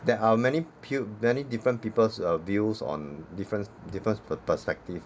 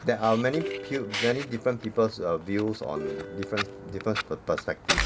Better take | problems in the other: first | background sound (Plucked string instrument + Fire); 6 dB below the speech

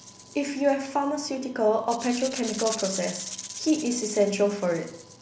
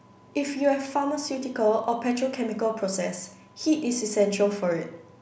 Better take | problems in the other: second | background sound (Rattle (instrument)); 13 dB below the speech

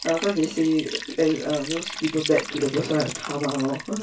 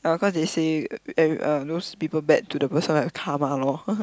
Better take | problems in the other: second | background sound (Liquid); 10 dB below the speech // room echo; dies away in 0.2 s

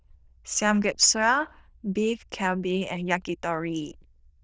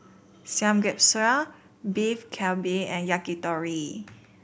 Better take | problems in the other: second | noise reduction (neural diffusion model UNIVERSE++)

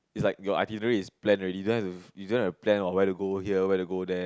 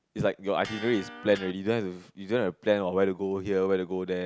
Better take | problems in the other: first | background sound (Electric guitar); 18 dB below the speech

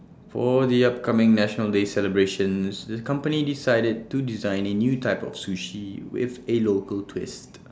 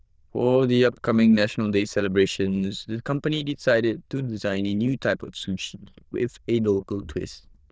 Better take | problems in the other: first | noise reduction (neural diffusion model UNIVERSE++)

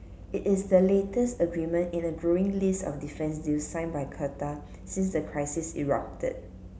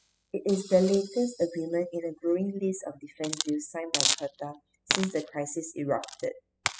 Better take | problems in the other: first | noise reduction (classical method spectral subtraction)

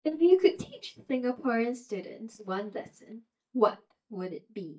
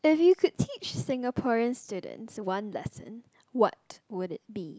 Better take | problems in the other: second | noise reduction (neural mask model DeepFilterNet 3)

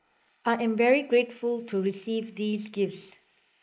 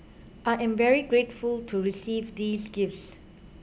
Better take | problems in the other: second | noise reduction (neural mask model Resemble Enhance denoiser)

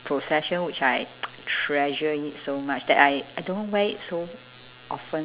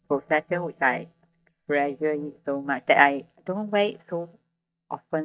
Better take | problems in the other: first | noise reduction (neural mask model DeepFilterNet 3)

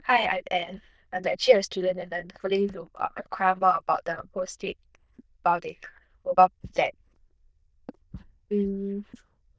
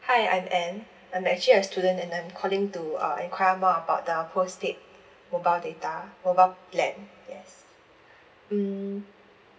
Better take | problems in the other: second | noise reduction (neural diffusion model UNIVERSE++)

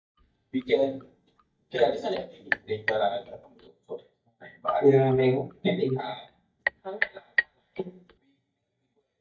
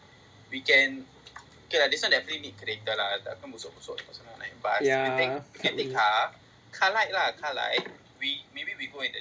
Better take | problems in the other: second | noise reduction (neural mask model DeepFilterNet 3)

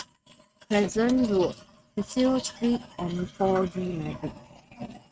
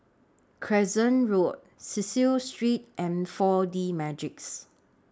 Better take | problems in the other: second | noise reduction (neural mask model RNNoise)

